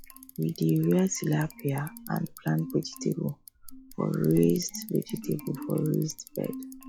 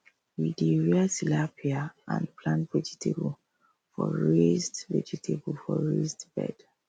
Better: second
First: noise reduction (classical method log-MMSE)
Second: none

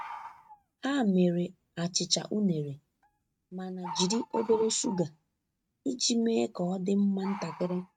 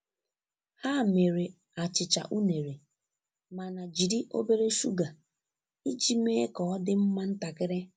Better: second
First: noise reduction (neural mask model RNNoise)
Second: none

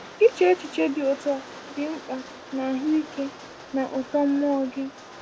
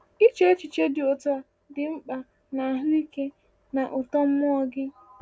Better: second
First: background sound (Rain); 16 dB below the speech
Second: none

